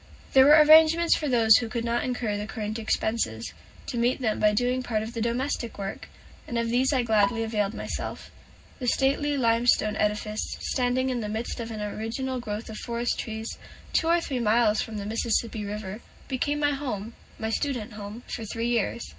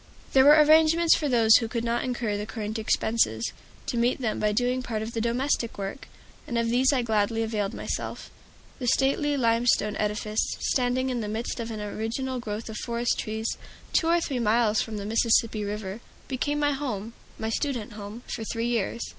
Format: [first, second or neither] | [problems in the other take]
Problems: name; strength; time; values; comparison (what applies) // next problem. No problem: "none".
second | background sound (Bowed string instrument); 11 dB below the speech // room echo; dies away in 0.4 s